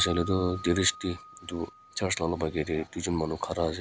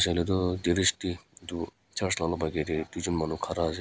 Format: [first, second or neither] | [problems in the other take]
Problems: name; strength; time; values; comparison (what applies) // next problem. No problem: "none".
second | background sound (Piano); 16 dB below the speech